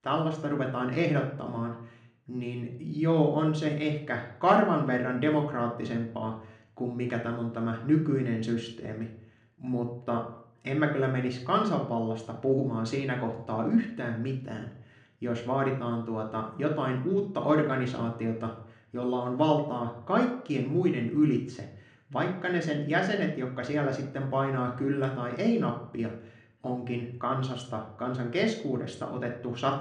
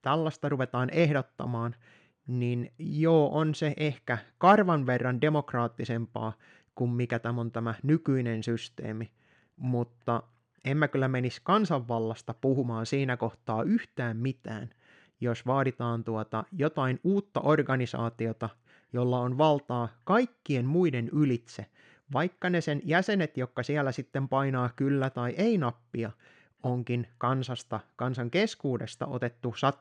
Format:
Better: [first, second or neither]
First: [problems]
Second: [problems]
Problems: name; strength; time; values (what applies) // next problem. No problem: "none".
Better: second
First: room echo; slight; dies away in 0.4 s // off-mic speech; somewhat distant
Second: none